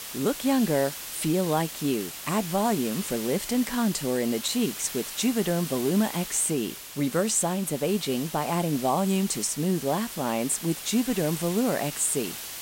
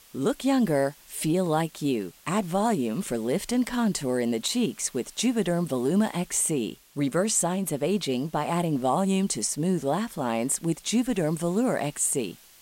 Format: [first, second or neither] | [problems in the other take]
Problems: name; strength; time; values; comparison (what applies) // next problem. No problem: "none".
second | hiss; loud; throughout; 9 dB below the speech; faint in the second